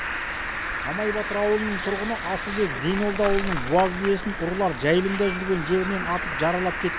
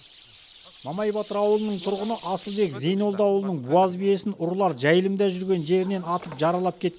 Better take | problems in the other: second | background sound (Cricket); 4 dB below the speech

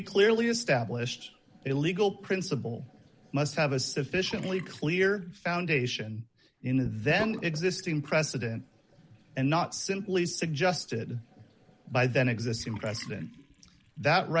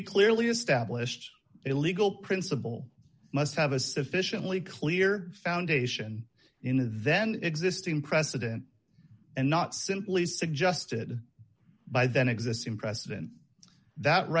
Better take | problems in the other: second | background sound (Bathtub (filling or washing) / Sink (filling or washing)); 20 dB below the speech

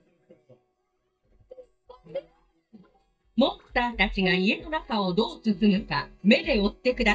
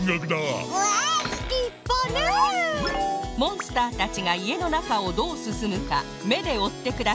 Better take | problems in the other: second | noise reduction (neural mask model DeepFilterNet 3)

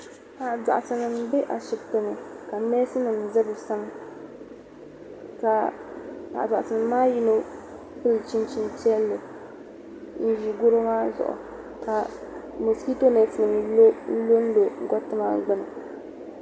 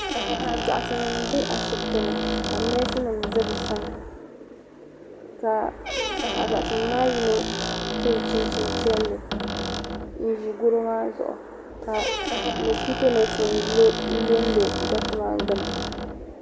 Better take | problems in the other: first | background sound (Squeak); 3 dB below the speech

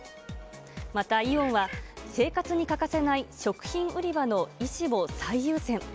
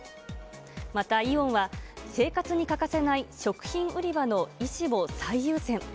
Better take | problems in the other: second | background sound (Bird); 13 dB below the speech

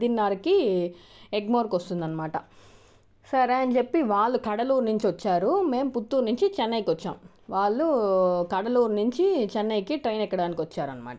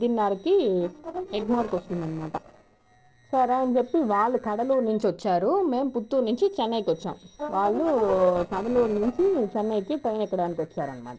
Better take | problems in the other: first | noise reduction (neural separator model SepFormer DNS4)

